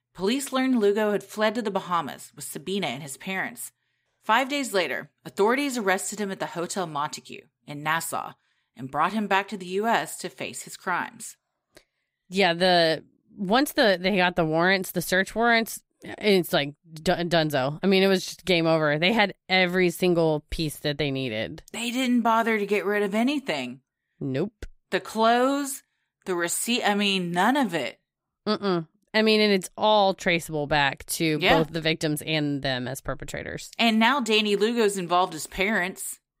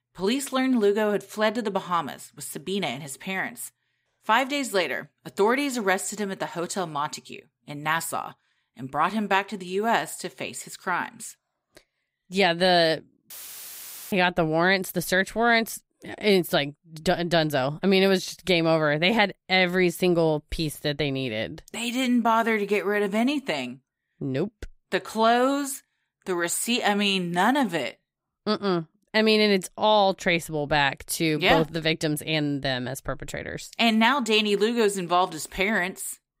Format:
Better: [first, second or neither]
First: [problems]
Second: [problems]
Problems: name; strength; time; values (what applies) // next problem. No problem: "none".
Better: first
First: none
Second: audio cutting out; filled with static; at 13 s for 1 s